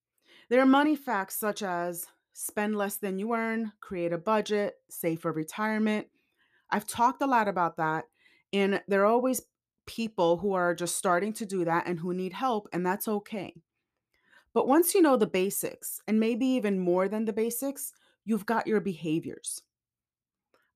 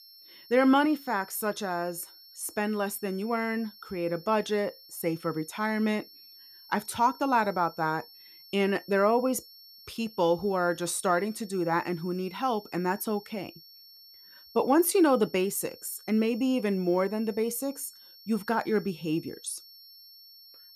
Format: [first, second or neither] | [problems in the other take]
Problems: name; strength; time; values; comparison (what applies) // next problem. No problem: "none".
first | high-pitched whine; faint; throughout; 5.5 kHz, 20 dB below the speech